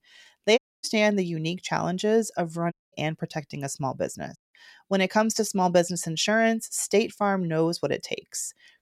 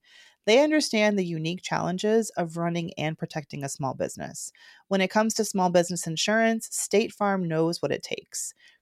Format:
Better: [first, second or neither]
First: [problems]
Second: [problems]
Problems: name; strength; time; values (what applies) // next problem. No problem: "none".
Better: second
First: audio cutting out; at 0.5 s, at 2.5 s and at 4.5 s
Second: none